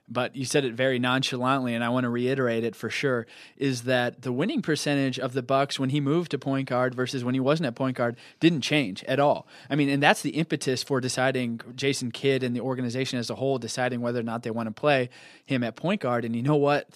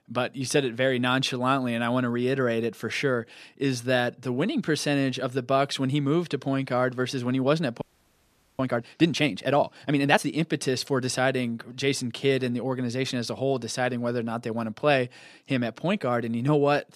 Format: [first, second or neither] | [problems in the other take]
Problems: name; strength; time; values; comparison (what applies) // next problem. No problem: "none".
first | audio freezing; at 8 s for 1 s